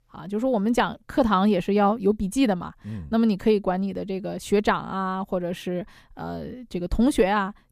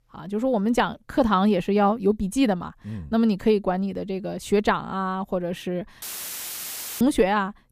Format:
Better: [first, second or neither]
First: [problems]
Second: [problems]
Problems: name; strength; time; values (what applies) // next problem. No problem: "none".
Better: first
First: none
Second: audio cutting out; filled with static; at 6 s for 1 s